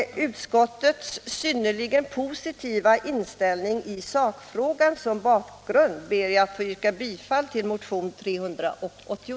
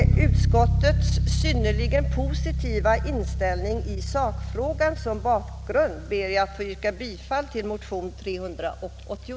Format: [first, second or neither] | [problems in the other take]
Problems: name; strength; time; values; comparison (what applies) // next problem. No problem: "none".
first | background sound (Bass guitar); 2 dB above the speech